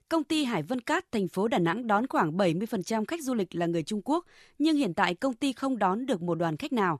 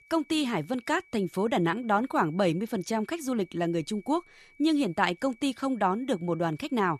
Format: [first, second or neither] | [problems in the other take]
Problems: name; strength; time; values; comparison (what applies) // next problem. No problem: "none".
first | high-pitched whine; faint; throughout; 2.5 kHz, 30 dB below the speech